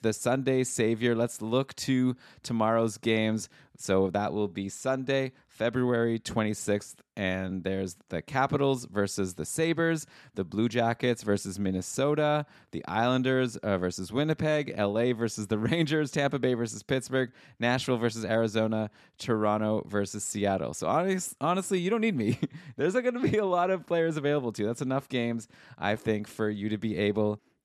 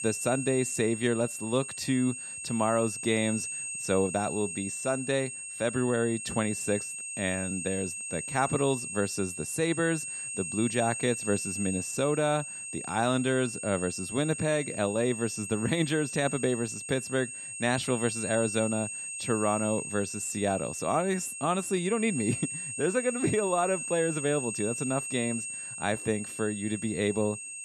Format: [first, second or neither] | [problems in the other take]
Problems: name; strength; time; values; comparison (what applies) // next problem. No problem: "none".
first | high-pitched whine; loud; throughout; 8.5 kHz, 5 dB below the speech